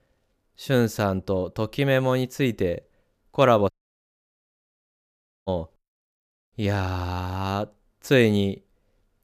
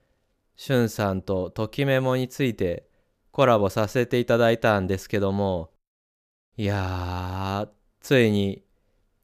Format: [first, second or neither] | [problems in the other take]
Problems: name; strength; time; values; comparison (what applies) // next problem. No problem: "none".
second | audio cutting out; at 3.5 s for 2 s